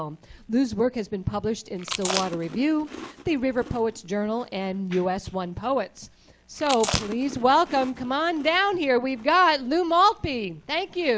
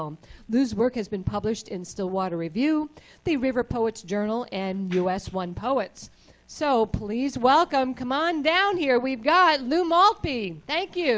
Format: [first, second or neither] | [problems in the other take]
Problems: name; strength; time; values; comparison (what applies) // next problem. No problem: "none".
second | background sound (Chewing, mastication); 11 dB below the speech